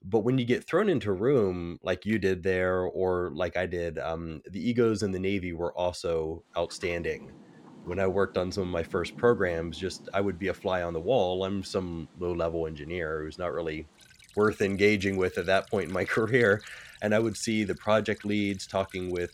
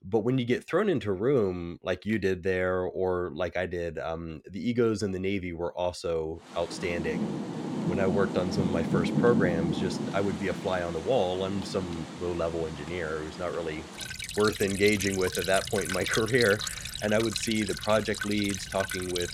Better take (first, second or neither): first